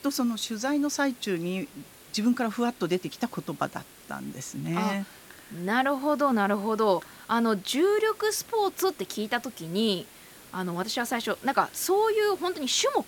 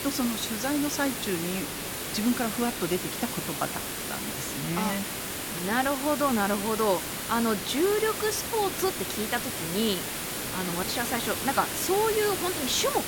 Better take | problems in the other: first | hiss; loud; throughout; 3 dB below the speech; faint in the first

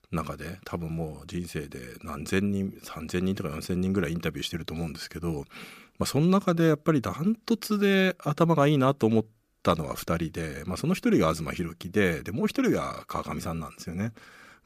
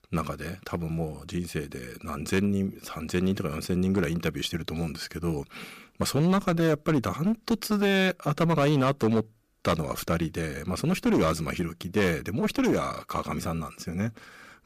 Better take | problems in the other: first | distortion; slight; 7% of the sound clipped

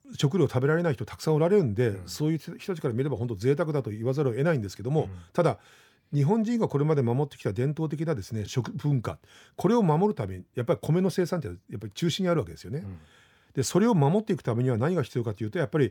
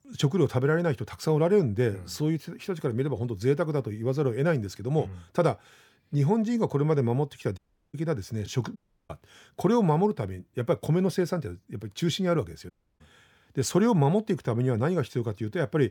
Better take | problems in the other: first | audio cutting out; at 7.5 s, at 9 s and at 13 s

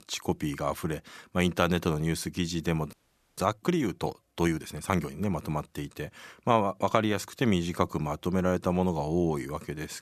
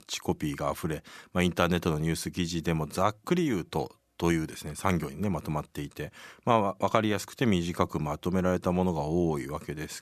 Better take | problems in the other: second | audio freezing; at 3 s

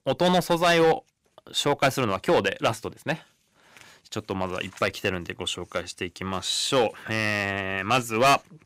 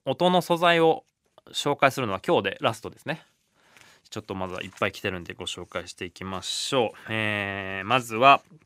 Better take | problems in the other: second | distortion; heavy; 4% of the sound clipped

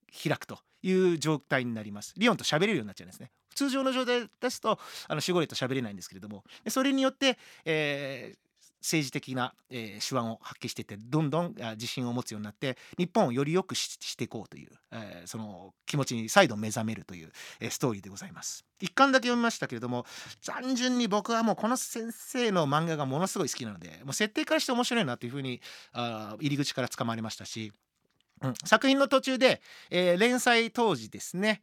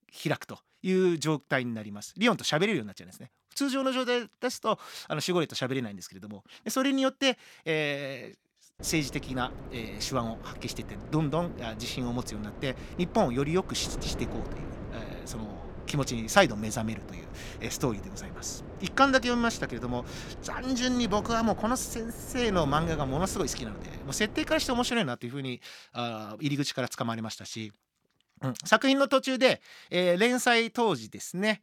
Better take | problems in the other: first | wind noise on the microphone; occasional gusts; from 9 to 25 s; 15 dB below the speech

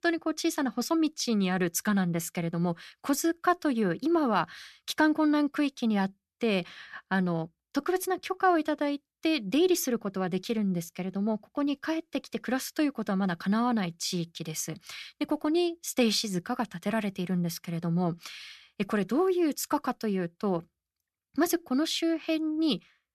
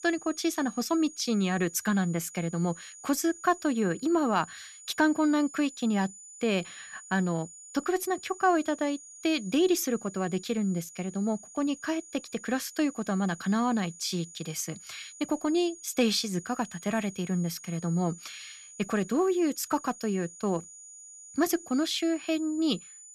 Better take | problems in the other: first | high-pitched whine; noticeable; throughout; 7 kHz, 15 dB below the speech

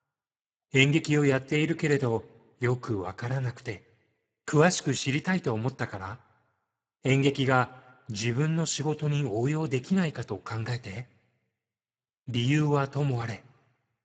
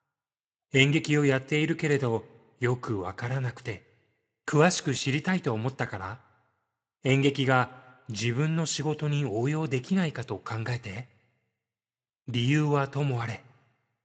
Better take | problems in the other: second | garbled, watery; badly; nothing above 7.5 kHz; slightly in the second

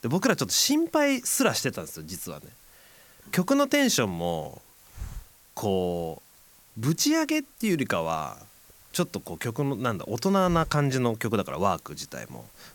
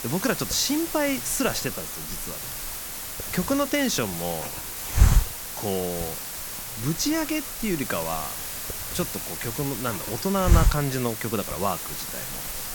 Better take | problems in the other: first | hiss; loud; throughout; 1 dB below the speech; faint in the first

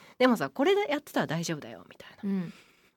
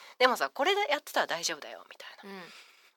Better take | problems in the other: first | thin; very; fading below 700 Hz

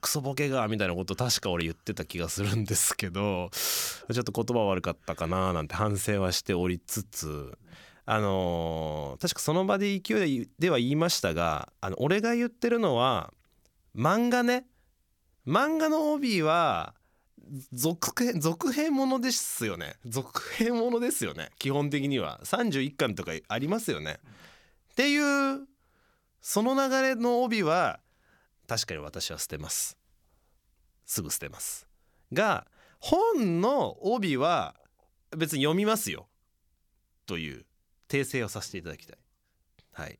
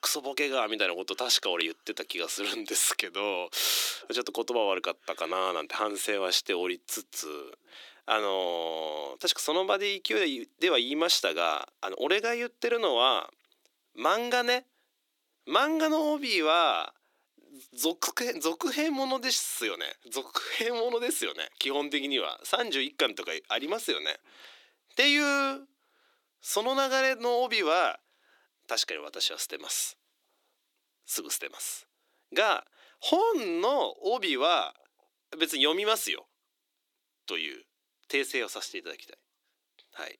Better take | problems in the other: first | thin; somewhat; fading below 300 Hz

